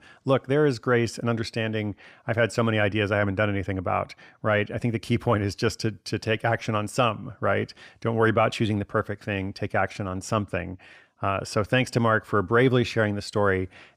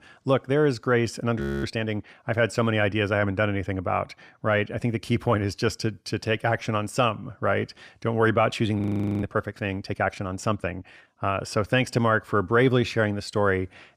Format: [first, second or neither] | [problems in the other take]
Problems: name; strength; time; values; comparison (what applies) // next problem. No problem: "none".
first | audio freezing; at 1.5 s and at 9 s